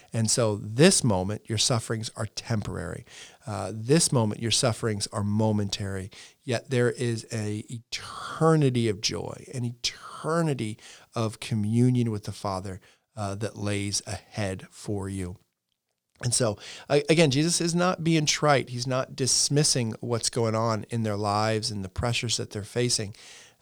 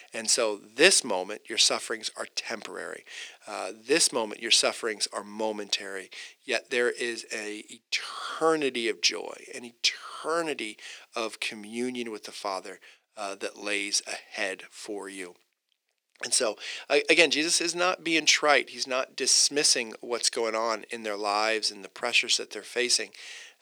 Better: first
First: none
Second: thin; very; fading below 300 Hz

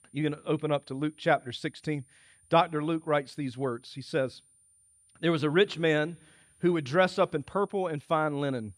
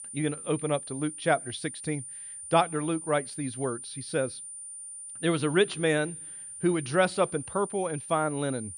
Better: first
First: high-pitched whine; faint; throughout; 9 kHz, 30 dB below the speech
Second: high-pitched whine; loud; throughout; 9 kHz, 10 dB below the speech

